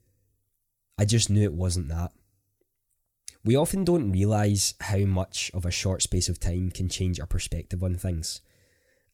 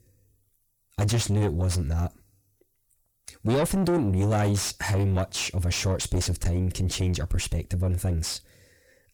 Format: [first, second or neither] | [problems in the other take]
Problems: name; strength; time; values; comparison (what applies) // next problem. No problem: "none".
first | distortion; heavy; 7 dB below the speech